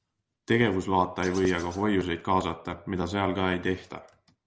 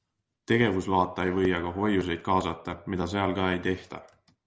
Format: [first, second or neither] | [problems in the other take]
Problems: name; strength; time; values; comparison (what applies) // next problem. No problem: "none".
second | background sound (Bird); 19 dB below the speech